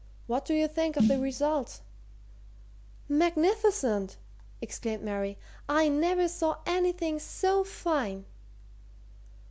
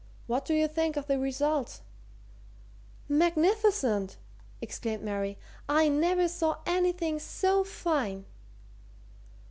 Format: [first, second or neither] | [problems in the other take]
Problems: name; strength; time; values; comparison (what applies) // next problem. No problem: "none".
second | background sound (Snare drum); 4 dB below the speech